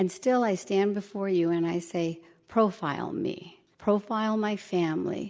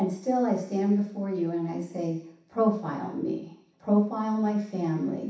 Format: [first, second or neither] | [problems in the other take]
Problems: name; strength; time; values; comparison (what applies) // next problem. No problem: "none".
first | room echo; dies away in 0.7 s